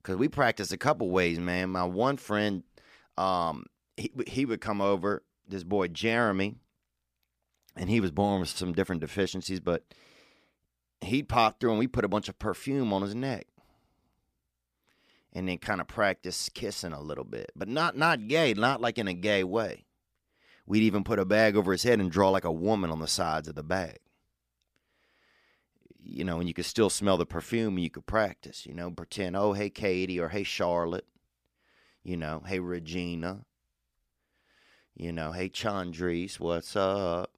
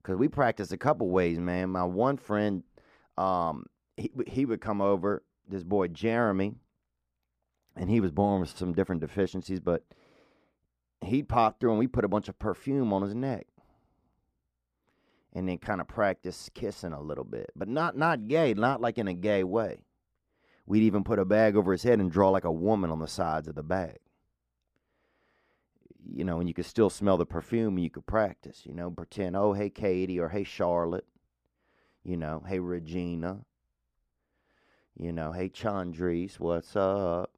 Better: first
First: none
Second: muffled; slightly; fading above 1.5 kHz

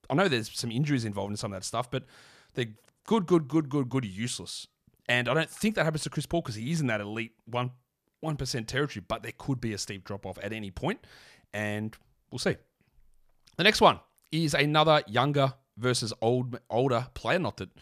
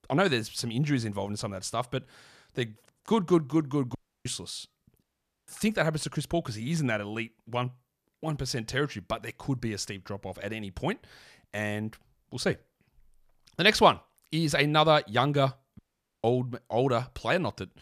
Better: first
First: none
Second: audio cutting out; at 4 s, at 5 s and at 16 s

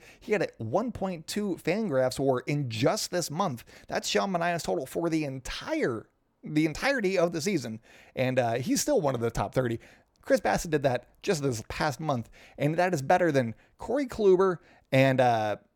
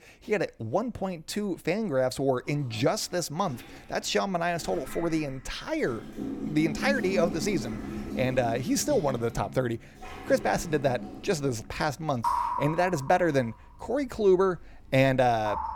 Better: first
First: none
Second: rain or running water; loud; throughout; 8 dB below the speech

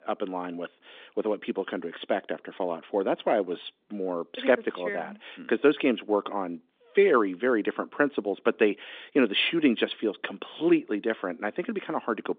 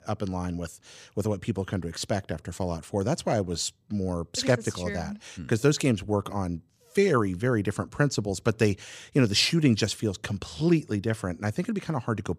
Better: second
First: phone-call audio; nothing above 3 kHz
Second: none

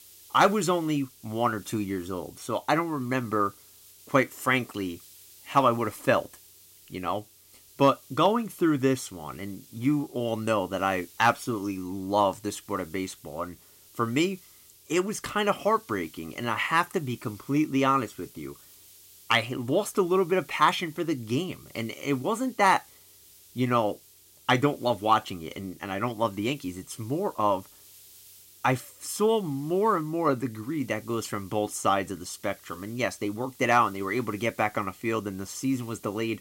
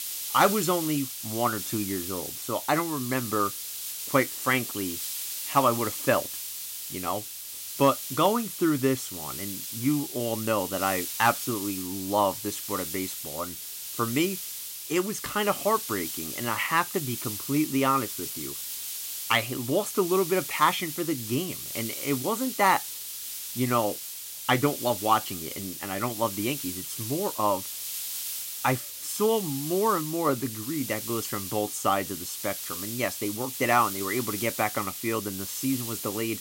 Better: first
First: hiss; faint; throughout; 25 dB below the speech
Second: hiss; loud; throughout; 5 dB below the speech

